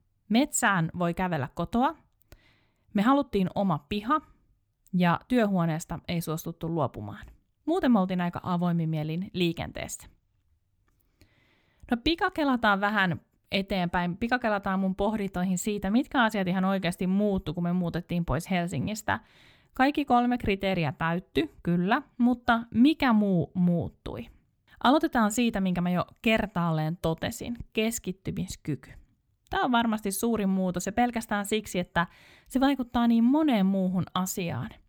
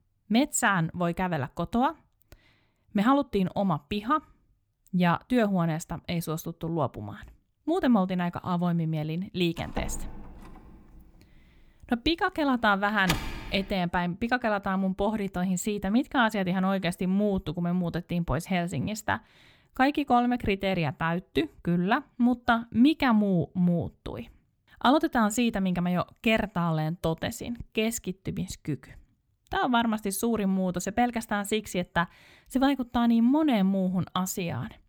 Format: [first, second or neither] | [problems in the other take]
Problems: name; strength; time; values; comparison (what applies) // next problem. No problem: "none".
first | door banging; noticeable; from 9.5 to 14 s; peak 4 dB below the speech